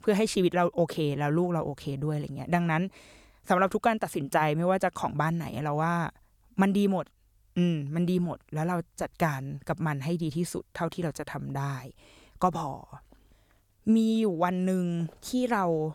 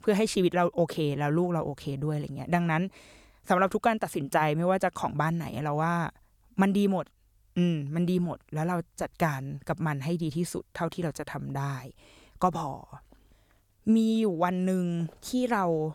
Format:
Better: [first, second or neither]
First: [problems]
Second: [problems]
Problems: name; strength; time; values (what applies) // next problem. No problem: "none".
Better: neither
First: none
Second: none